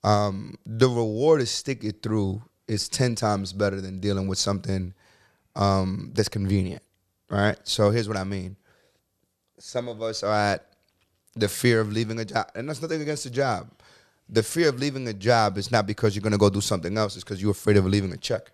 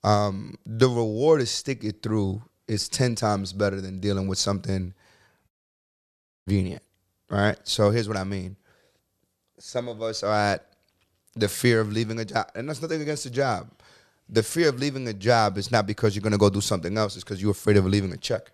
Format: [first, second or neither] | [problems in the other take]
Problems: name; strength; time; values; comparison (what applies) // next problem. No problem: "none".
first | audio cutting out; at 5.5 s for 1 s